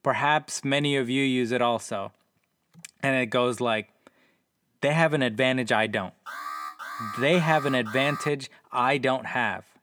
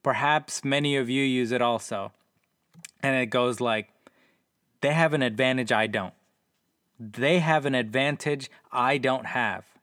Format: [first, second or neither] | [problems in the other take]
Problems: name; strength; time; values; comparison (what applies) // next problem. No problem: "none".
second | alarm; noticeable; from 6.5 to 8.5 s; peak 9 dB below the speech